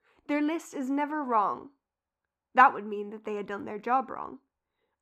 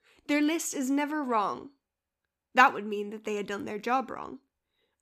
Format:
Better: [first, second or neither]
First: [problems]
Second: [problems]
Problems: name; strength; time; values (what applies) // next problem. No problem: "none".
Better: second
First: muffled; very; fading above 3 kHz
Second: none